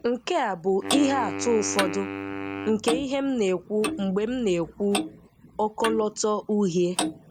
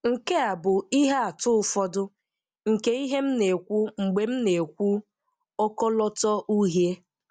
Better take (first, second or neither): second